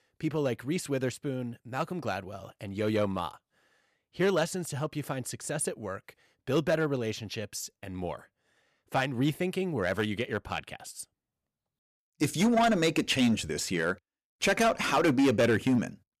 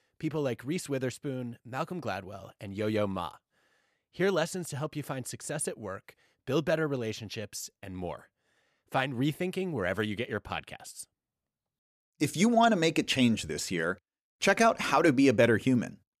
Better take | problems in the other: second | distortion; slight; 3% of the sound clipped

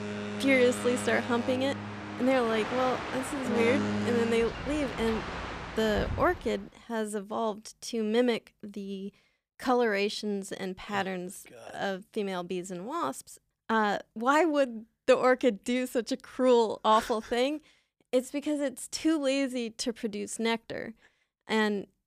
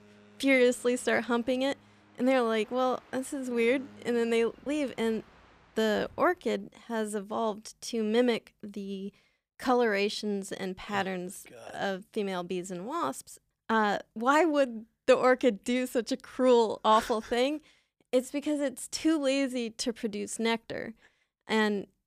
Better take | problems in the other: second | train or aircraft noise; loud; until 6 s; 6 dB below the speech; faint in the second

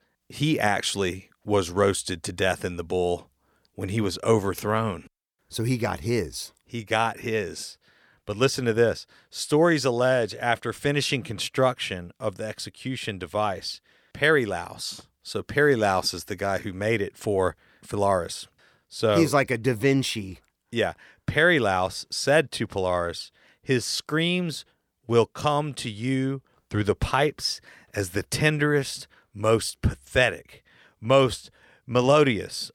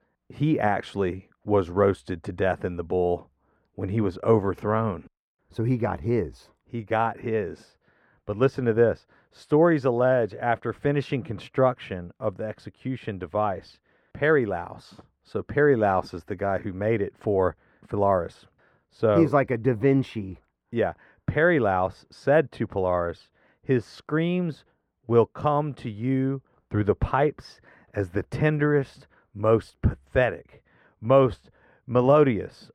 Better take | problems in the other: first | muffled; very; fading above 3 kHz

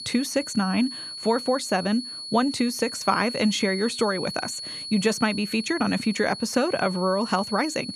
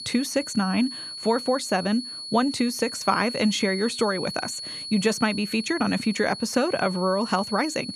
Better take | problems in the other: neither | high-pitched whine; loud; throughout; 4.5 kHz, 8 dB below the speech; the same in both

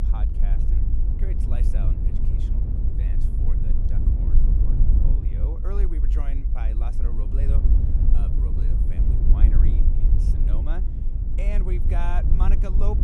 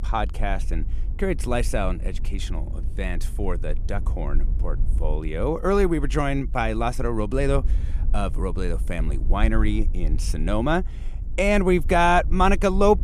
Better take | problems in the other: second | low rumble; loud; throughout; 1 dB below the speech; faint in the second

